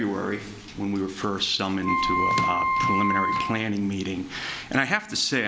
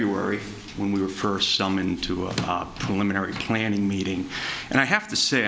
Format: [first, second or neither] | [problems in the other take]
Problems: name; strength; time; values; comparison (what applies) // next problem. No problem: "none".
second | background sound (Wind instrument, woodwind instrument); 1 dB above the speech